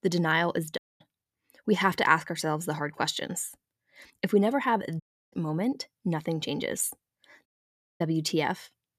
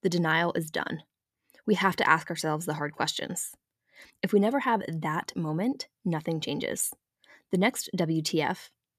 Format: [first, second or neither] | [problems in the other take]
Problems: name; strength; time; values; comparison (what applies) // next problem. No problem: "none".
second | audio cutting out; at 1 s, at 5 s and at 7.5 s for 0.5 s